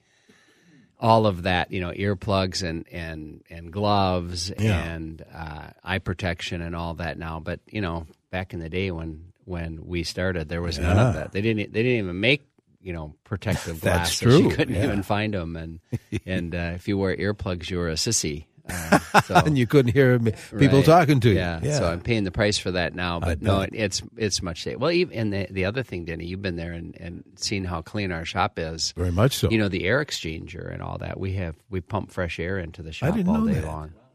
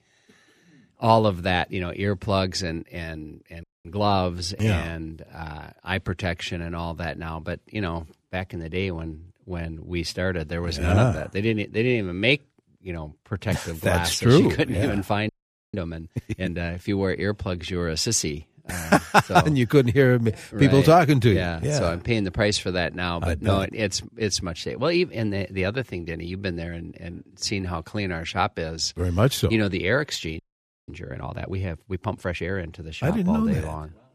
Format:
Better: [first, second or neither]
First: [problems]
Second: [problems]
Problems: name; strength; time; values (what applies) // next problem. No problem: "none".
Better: first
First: none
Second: audio freezing; at 3.5 s, at 15 s and at 30 s